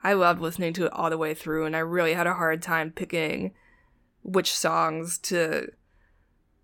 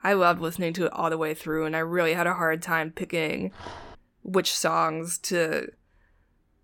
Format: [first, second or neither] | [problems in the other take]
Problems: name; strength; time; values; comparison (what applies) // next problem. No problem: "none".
first | dog barking; faint; at 3.5 s; peak 15 dB below the speech